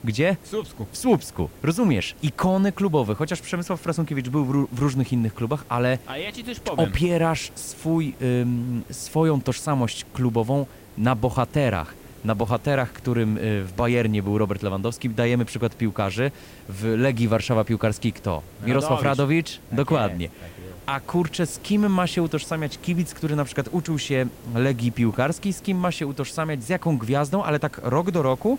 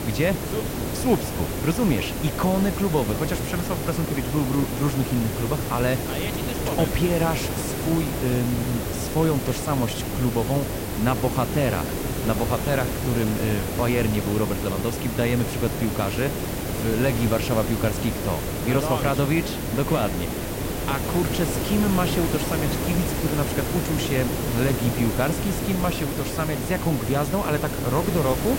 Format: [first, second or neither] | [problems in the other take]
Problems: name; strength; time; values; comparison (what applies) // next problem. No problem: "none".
first | hiss; loud; throughout; 2 dB below the speech; faint in the first